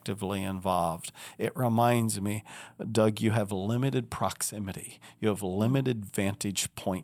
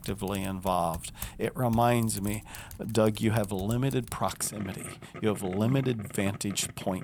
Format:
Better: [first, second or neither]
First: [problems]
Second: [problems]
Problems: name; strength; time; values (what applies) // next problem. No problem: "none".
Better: first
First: none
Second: household noises; noticeable; throughout; 15 dB below the speech